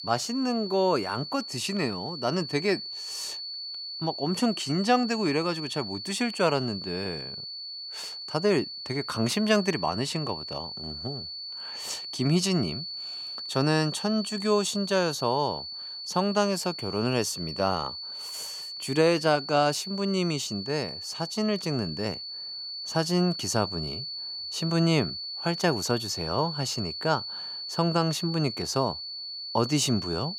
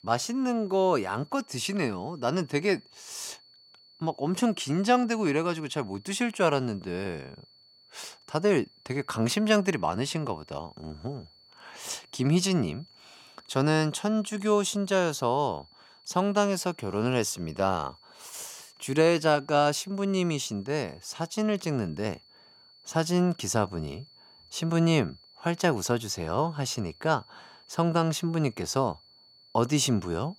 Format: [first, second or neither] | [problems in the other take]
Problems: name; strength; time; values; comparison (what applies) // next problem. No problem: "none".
second | high-pitched whine; loud; throughout; 4.5 kHz, 7 dB below the speech; faint in the second